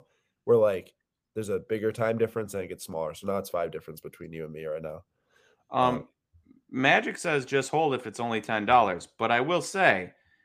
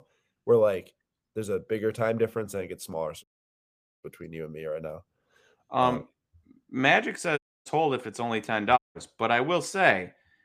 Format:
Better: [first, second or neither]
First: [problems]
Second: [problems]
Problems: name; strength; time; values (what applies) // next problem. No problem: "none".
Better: first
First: none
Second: audio cutting out; at 3 s for 1 s, at 7.5 s and at 9 s